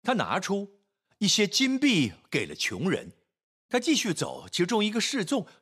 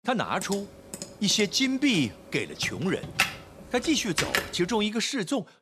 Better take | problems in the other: first | keyboard typing; loud; until 4.5 s; peak level with the speech

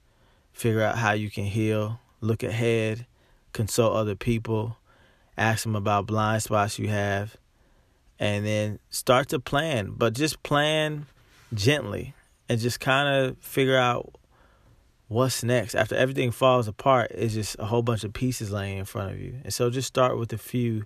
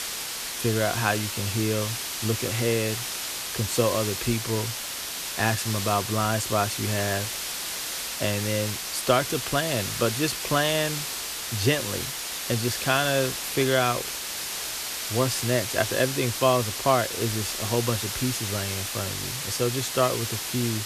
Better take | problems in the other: first | hiss; loud; throughout; 3 dB below the speech

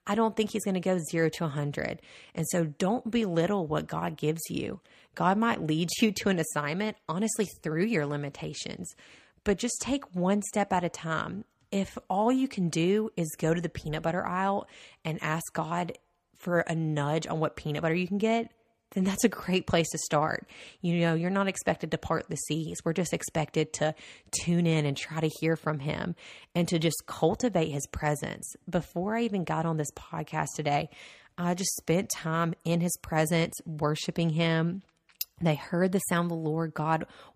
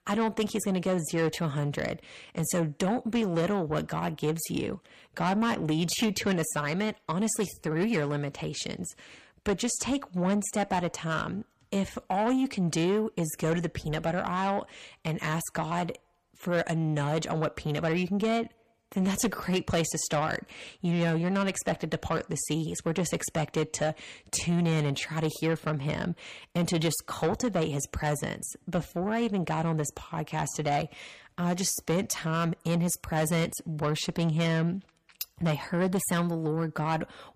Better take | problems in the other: first | distortion; slight; 10 dB below the speech

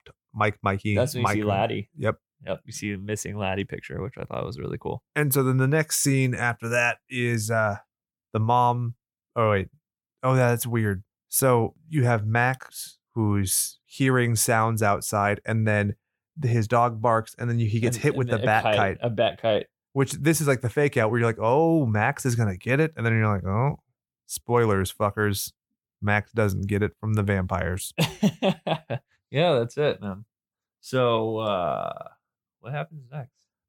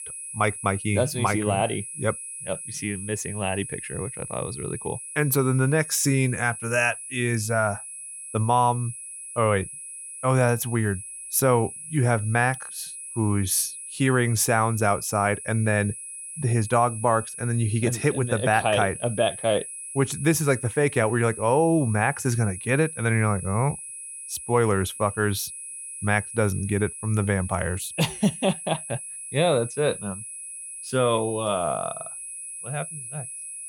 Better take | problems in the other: first | high-pitched whine; loud; throughout; 10.5 kHz, 10 dB below the speech

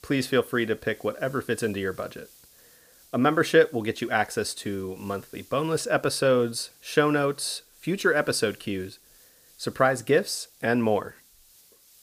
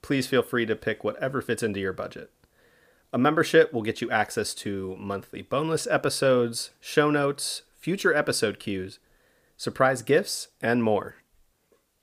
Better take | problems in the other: second | hiss; faint; throughout; 25 dB below the speech

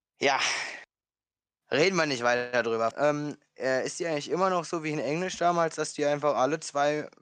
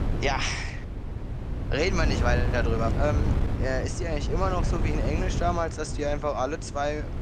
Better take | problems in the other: first | wind noise on the microphone; heavy; 9 dB below the speech

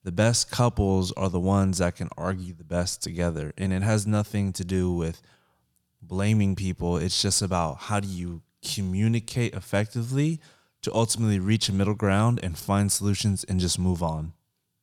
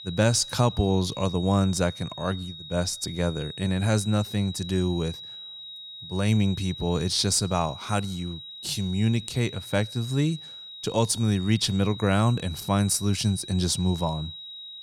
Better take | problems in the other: first | high-pitched whine; noticeable; throughout; 4 kHz, 10 dB below the speech

